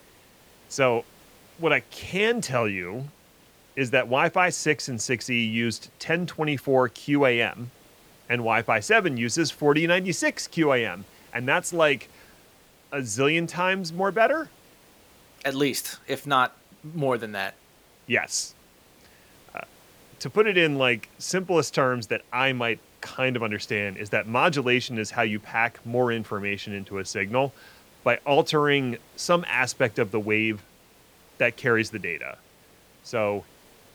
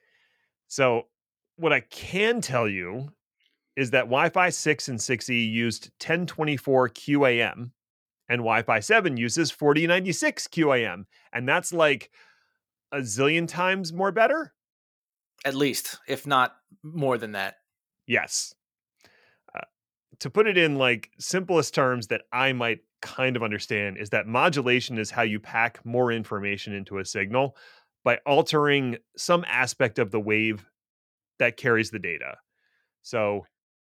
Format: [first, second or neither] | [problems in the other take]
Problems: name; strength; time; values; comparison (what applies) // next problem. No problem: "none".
second | hiss; faint; throughout; 30 dB below the speech